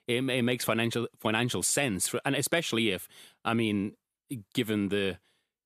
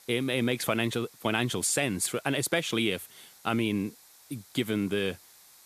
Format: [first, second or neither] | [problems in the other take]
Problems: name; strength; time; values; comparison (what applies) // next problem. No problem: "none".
first | hiss; faint; throughout; 25 dB below the speech